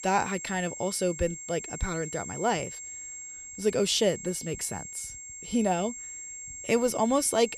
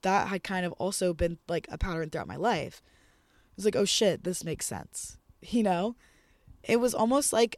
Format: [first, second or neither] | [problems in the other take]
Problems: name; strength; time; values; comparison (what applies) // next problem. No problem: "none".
second | high-pitched whine; loud; throughout; 7.5 kHz, 9 dB below the speech